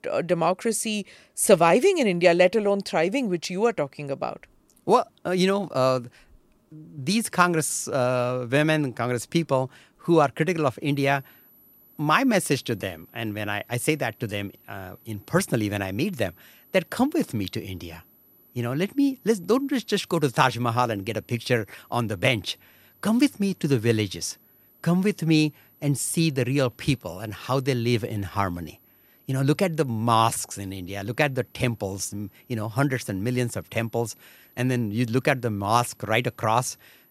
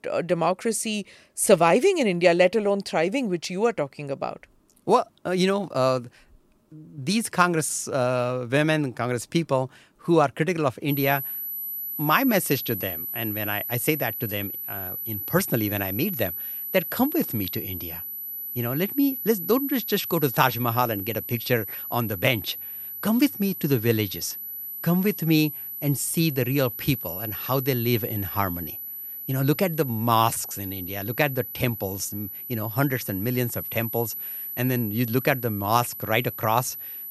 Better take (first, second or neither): first